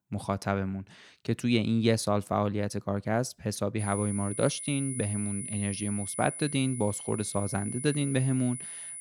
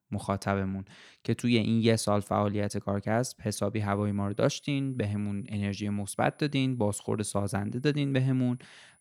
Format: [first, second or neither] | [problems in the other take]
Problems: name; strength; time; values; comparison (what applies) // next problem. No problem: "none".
second | high-pitched whine; loud; from 4 s on; 10 kHz, 7 dB below the speech; faint in the second